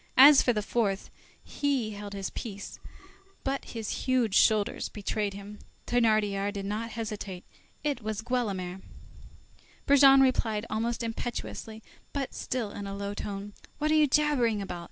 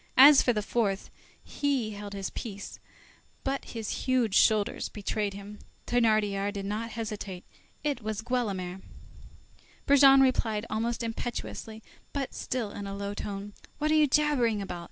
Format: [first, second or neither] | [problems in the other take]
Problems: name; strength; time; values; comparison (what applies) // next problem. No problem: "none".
second | background sound (Burping, eructation); 16 dB below the speech